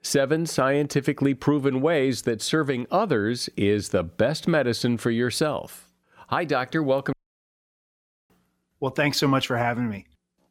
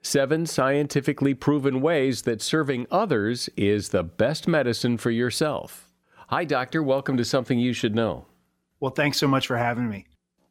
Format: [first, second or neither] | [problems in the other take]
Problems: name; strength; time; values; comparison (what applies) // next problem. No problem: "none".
second | audio cutting out; at 7 s for 1 s